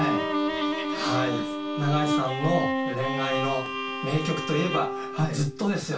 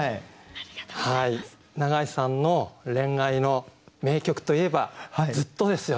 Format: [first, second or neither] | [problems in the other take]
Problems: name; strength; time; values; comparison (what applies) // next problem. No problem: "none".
second | background sound (Bowed string instrument); 1 dB below the speech // room echo; dies away in 0.2 s